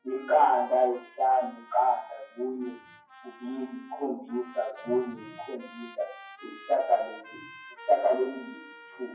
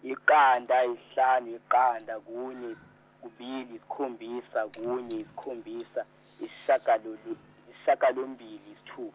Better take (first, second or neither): second